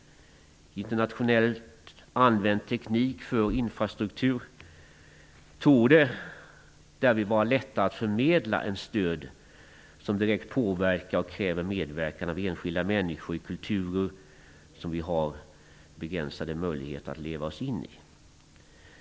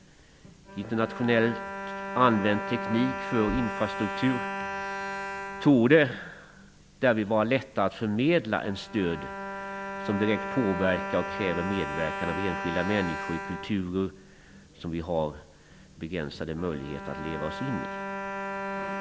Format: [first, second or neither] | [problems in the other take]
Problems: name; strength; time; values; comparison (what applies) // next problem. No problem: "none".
first | background sound (Bowed string instrument); 7 dB below the speech